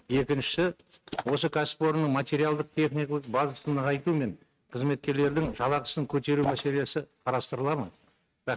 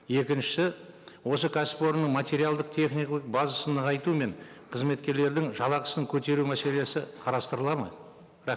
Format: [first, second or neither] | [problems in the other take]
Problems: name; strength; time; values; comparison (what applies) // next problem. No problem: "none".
second | noise reduction (neural mask model RNNoise)